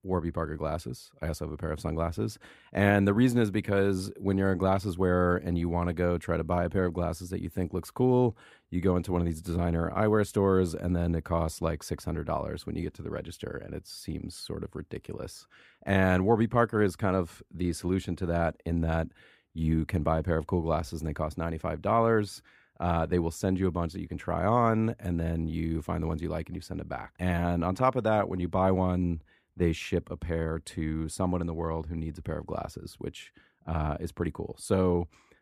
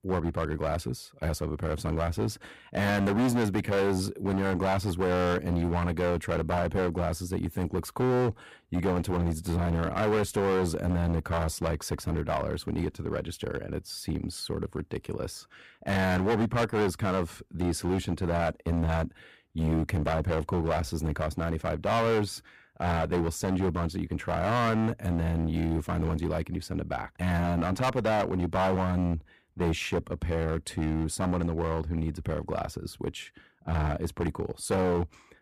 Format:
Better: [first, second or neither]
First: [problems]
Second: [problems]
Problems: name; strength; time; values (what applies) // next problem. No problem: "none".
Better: first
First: none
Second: distortion; heavy; 12% of the sound clipped